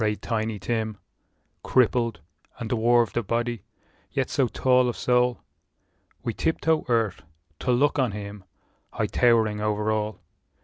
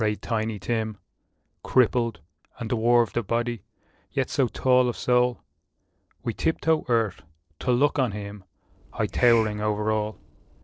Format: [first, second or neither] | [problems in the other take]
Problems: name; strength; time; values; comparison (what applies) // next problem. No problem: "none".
first | noise reduction (neural separator model SepFormer DNS4)